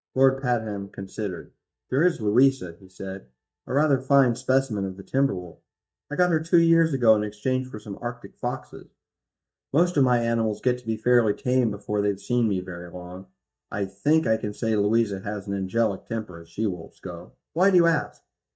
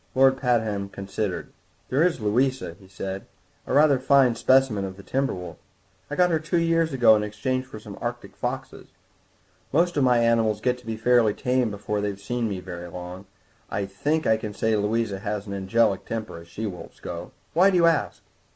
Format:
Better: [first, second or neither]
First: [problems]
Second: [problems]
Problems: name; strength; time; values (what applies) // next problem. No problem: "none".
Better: second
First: noise reduction (neural mask model DeepFilterNet 3)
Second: none